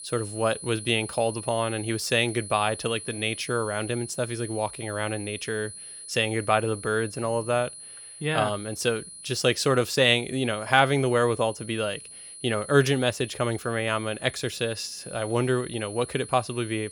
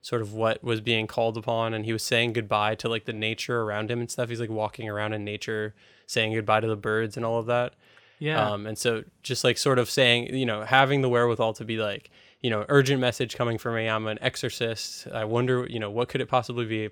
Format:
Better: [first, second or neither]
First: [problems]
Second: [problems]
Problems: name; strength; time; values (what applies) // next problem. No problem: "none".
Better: second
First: high-pitched whine; noticeable; throughout; 10 kHz, 15 dB below the speech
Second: none